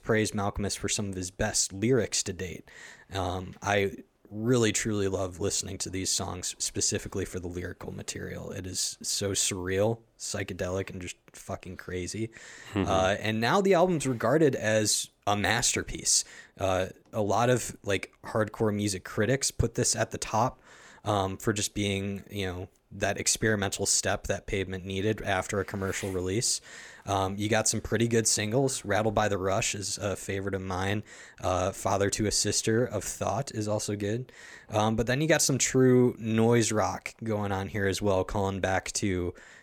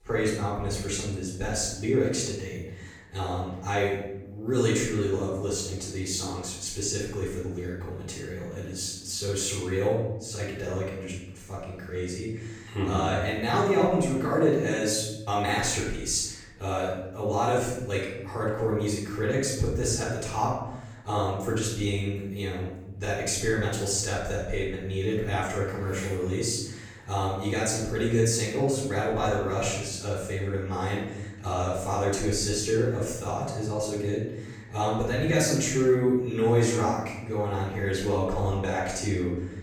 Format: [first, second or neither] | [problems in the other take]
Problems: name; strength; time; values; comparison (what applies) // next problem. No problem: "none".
first | off-mic speech; far // room echo; noticeable; dies away in 0.9 s